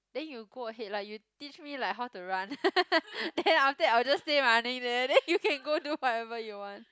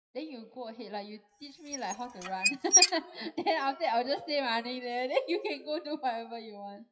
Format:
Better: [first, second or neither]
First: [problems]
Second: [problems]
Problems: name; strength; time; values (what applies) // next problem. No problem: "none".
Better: first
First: none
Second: noise reduction (classical method WPE with log-MMSE)